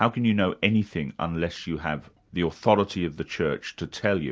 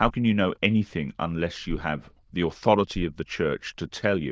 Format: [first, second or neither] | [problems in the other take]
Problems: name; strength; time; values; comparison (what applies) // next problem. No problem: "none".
first | noise reduction (neural diffusion model UNIVERSE++)